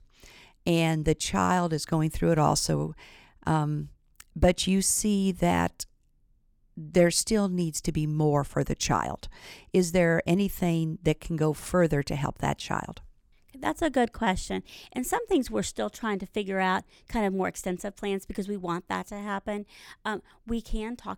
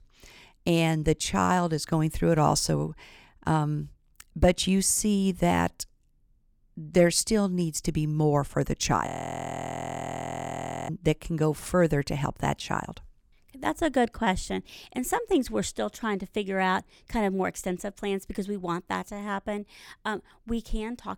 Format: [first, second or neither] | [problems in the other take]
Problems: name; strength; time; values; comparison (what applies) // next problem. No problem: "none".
first | audio freezing; at 9 s for 2 s